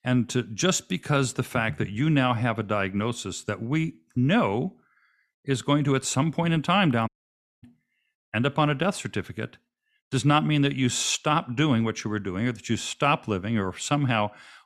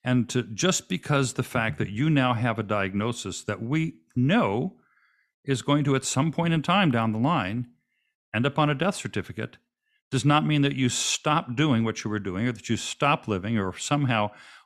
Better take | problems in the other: second | audio cutting out; at 7 s for 0.5 s

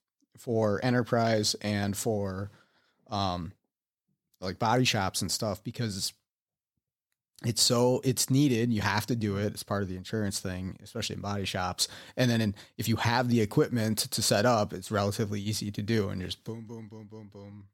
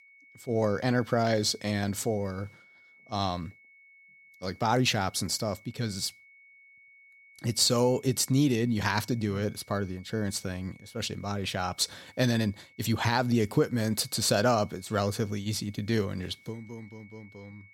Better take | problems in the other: first | high-pitched whine; faint; throughout; 2 kHz, 25 dB below the speech

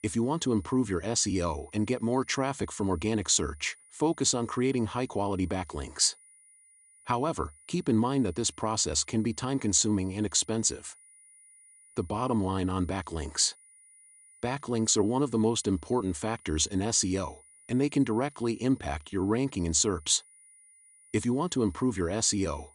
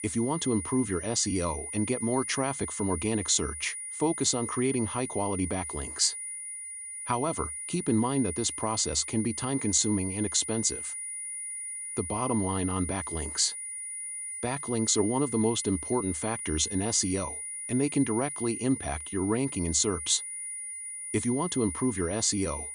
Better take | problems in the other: first | high-pitched whine; loud; throughout; 9.5 kHz, 6 dB below the speech; faint in the first

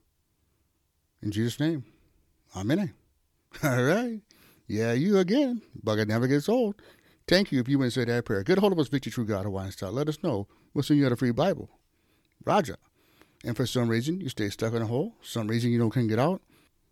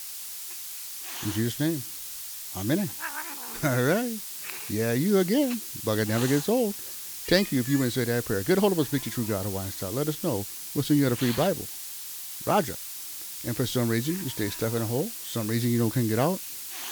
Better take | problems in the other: first | hiss; loud; throughout; 7 dB below the speech

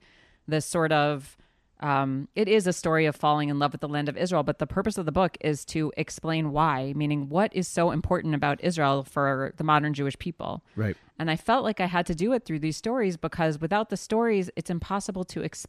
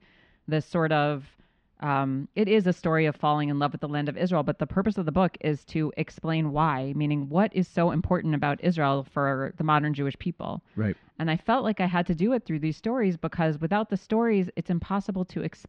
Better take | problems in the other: first | muffled; slightly; fading above 3.5 kHz

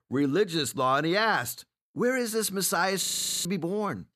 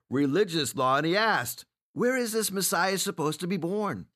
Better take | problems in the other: second | audio freezing; at 3 s

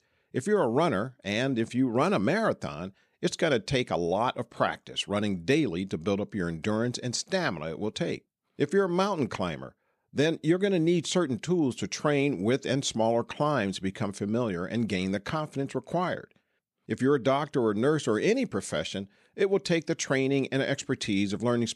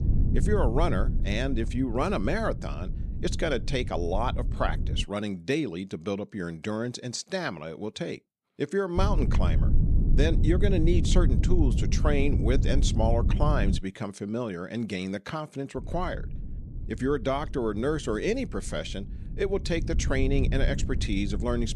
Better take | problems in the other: first | low rumble; noticeable; until 5 s, from 9 to 14 s and from 16 s on; 10 dB below the speech

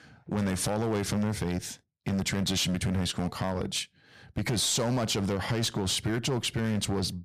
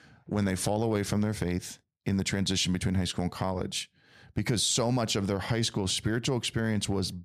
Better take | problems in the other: second | distortion; slight; 13% of the sound clipped

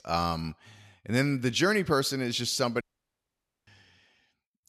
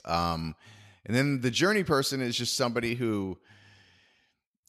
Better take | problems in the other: second | audio cutting out; at 3 s for 1 s

